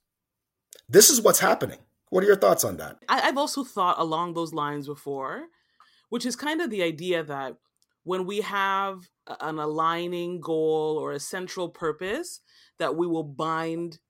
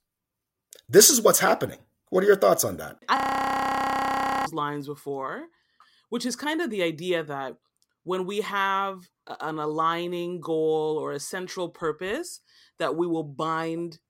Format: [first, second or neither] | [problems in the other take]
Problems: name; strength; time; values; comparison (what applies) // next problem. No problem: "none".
first | audio freezing; at 3 s for 1.5 s